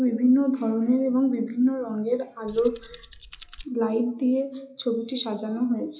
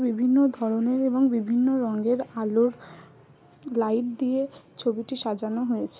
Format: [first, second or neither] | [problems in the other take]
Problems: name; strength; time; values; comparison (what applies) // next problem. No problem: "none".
second | noise reduction (classical method WPE with log-MMSE)